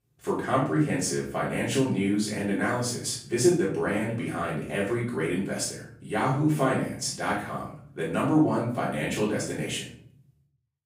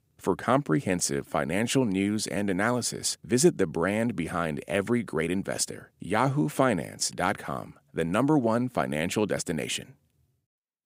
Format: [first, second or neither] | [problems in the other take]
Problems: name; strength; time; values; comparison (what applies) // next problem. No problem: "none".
second | off-mic speech; far // room echo; noticeable; dies away in 0.5 s